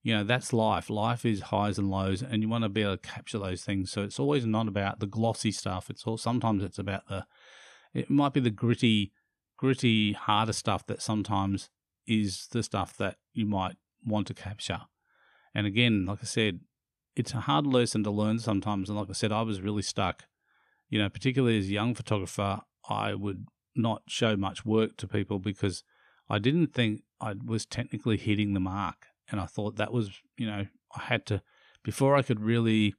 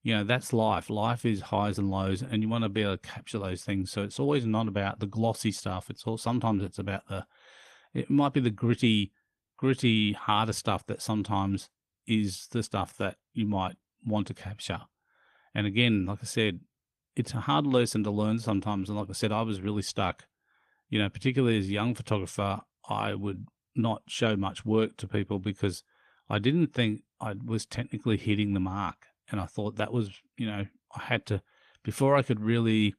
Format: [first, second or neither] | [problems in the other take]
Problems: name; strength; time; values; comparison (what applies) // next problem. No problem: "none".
first | garbled, watery; slightly